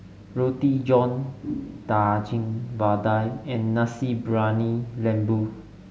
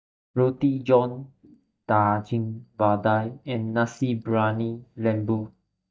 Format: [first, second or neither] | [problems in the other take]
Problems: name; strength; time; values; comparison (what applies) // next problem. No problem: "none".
first | noise reduction (neural mask model DeepFilterNet 3)